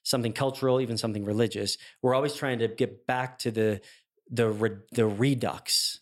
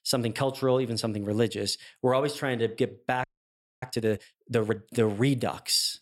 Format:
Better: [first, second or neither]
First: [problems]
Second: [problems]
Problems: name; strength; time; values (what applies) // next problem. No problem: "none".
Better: first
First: none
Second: audio freezing; at 3 s for 0.5 s